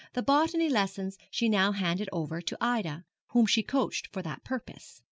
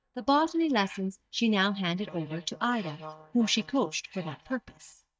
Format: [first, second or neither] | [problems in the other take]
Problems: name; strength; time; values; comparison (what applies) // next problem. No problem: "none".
first | noise reduction (neural mask model DeepFilterNet 3)